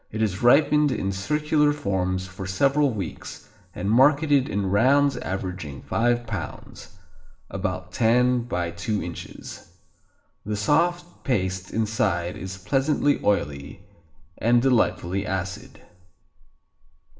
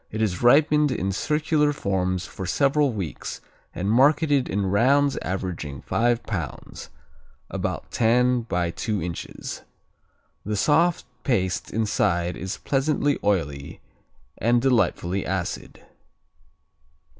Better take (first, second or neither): second